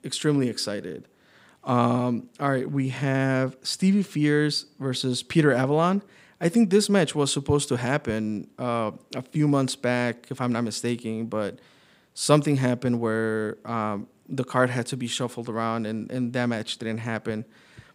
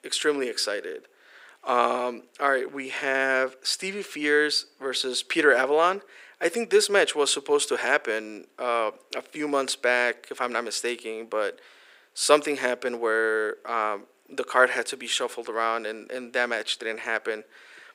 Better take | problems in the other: first | thin; very; fading below 400 Hz

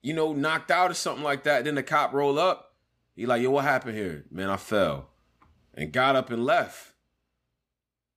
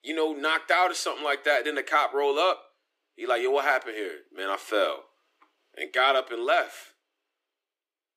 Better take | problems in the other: first | thin; somewhat; fading below 300 Hz

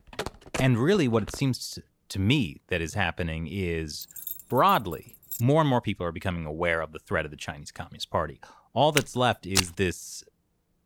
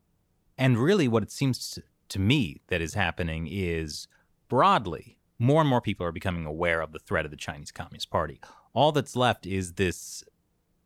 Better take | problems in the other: second | phone ringing; noticeable; until 1.5 s; peak 7 dB below the speech // jangling keys; noticeable; from 4 to 5.5 s; peak 9 dB below the speech // footsteps; loud; at 9 s; peak 1 dB above the speech

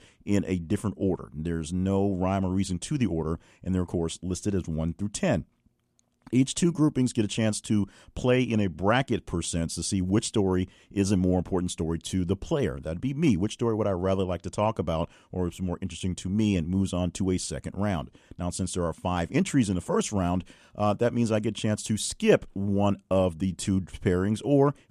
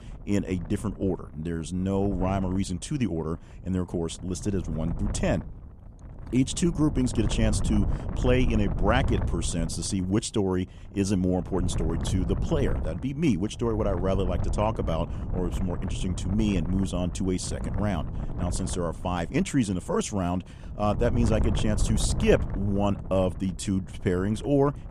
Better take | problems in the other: first | wind noise on the microphone; occasional gusts; 10 dB below the speech

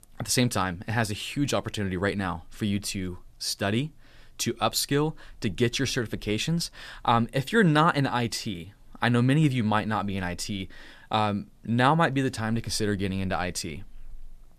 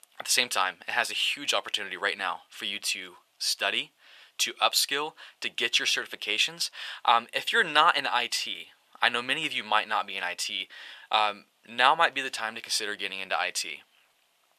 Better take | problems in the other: first | thin; very; fading below 800 Hz

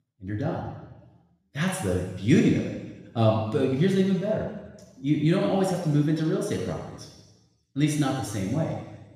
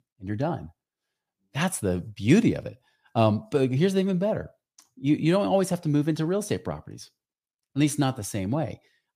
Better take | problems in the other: second | room echo; noticeable; dies away in 1.1 s // off-mic speech; somewhat distant

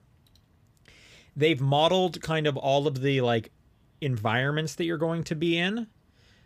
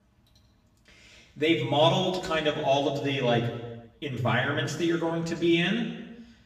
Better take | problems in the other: first | room echo; noticeable; dies away in 1 s // off-mic speech; far

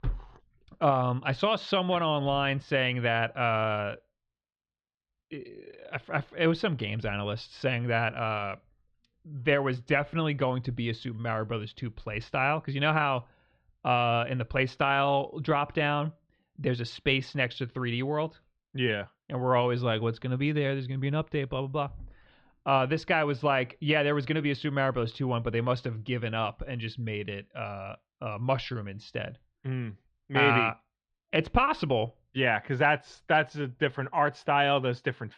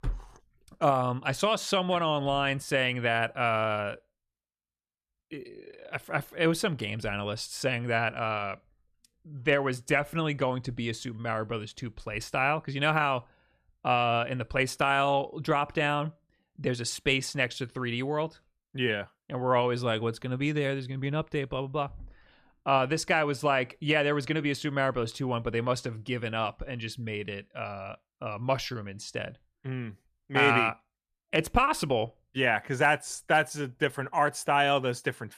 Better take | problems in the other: second | muffled; slightly; fading above 4 kHz

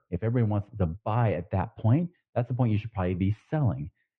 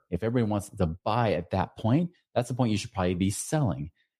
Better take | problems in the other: second | muffled; very; fading above 2.5 kHz

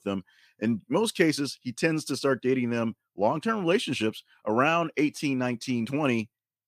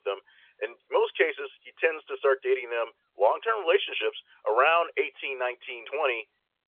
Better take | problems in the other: first | phone-call audio; nothing above 3.5 kHz

